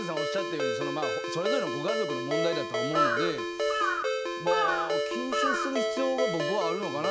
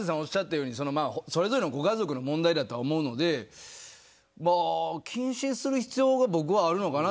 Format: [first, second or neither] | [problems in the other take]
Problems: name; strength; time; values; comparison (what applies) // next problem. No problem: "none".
second | background sound (Ringtone + Bird vocalization, bird call, bird song / Crow); 4 dB above the speech